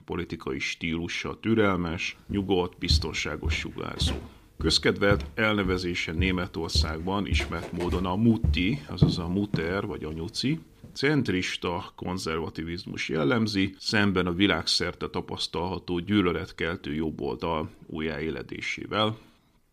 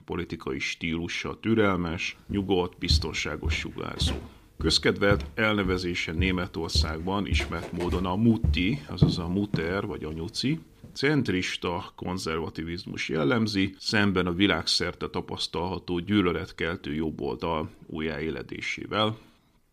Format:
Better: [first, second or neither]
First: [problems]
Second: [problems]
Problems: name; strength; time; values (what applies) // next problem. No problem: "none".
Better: neither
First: footsteps; loud; from 3 to 9.5 s; peak 2 dB above the speech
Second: footsteps; loud; from 3 to 9.5 s; peak 2 dB above the speech